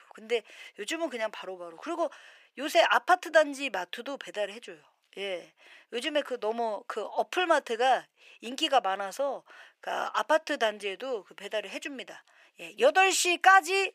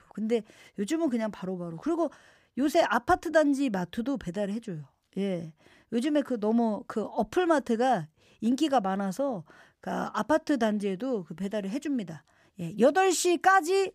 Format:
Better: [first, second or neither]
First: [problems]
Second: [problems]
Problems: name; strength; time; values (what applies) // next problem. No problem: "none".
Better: second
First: thin; very; fading below 450 Hz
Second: none